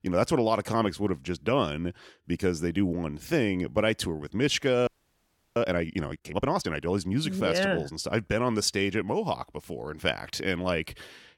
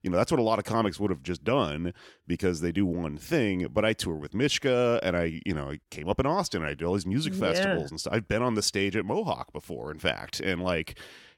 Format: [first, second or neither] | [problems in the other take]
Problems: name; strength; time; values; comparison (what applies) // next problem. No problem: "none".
second | audio freezing; at 5 s for 0.5 s